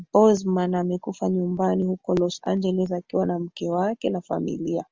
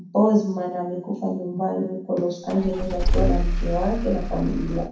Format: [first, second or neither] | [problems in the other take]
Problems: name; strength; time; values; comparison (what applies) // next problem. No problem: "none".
first | background sound (Engine starting / Car); as loud as the speech // room echo; dies away in 0.6 s